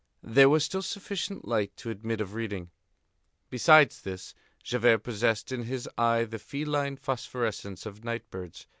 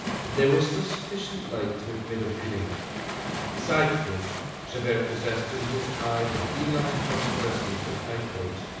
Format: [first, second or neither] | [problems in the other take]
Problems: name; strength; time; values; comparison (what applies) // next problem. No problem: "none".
first | background sound (Waves, surf); 4 dB below the speech // room echo; dies away in 1.1 s